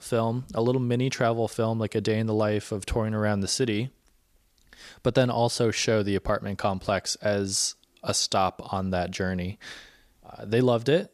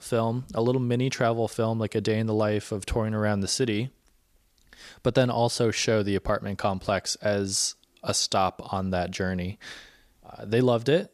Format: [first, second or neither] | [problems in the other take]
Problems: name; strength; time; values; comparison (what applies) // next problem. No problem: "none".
neither | none